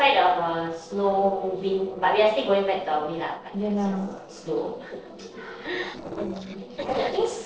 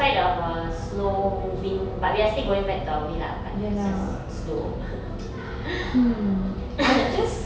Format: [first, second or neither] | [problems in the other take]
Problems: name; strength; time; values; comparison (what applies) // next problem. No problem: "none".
second | noise reduction (neural separator model SepFormer DNS4)